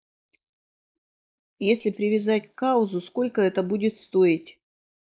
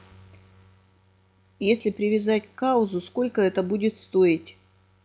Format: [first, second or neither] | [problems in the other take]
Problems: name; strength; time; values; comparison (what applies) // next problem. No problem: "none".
second | noise reduction (neural mask model Resemble Enhance denoiser)